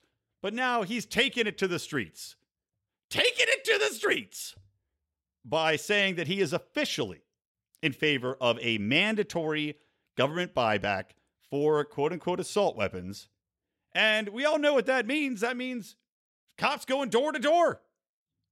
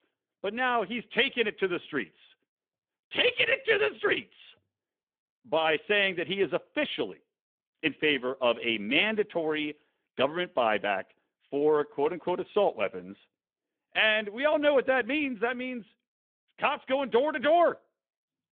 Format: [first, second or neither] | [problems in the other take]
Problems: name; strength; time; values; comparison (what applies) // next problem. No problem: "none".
first | phone-call audio; nothing above 3.5 kHz